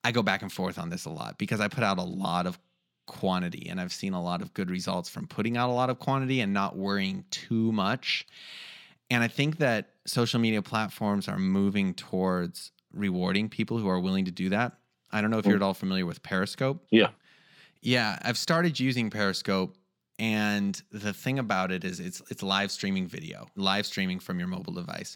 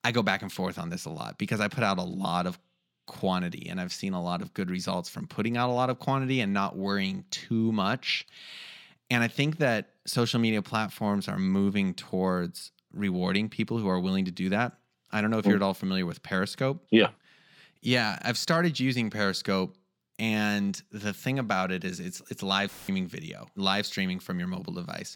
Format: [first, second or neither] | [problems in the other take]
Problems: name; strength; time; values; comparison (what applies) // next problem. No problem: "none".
first | audio cutting out; filled with static; at 23 s